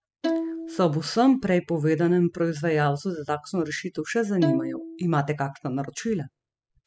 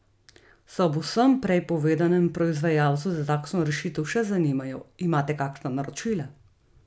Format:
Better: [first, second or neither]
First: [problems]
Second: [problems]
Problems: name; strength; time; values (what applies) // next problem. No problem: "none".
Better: second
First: noise reduction (classical method spectral subtraction)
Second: none